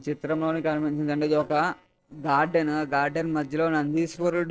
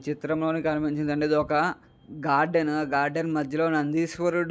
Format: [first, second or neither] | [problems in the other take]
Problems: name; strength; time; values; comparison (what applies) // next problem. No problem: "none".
second | noise reduction (neural separator model SepFormer DNS4)